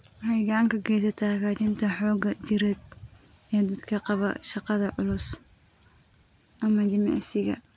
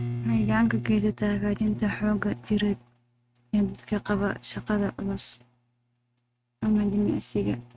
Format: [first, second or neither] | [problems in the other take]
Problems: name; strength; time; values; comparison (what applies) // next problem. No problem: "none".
first | noise reduction (neural mask model RNNoise)